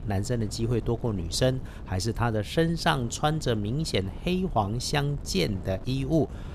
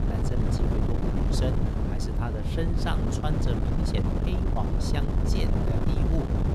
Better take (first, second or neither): first